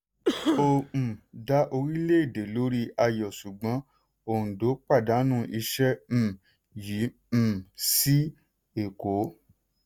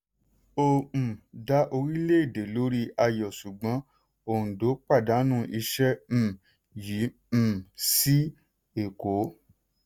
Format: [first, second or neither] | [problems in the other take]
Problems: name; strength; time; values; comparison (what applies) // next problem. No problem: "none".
second | background sound (Cough); 3 dB below the speech